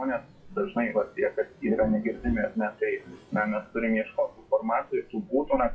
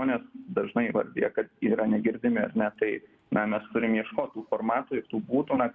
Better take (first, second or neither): second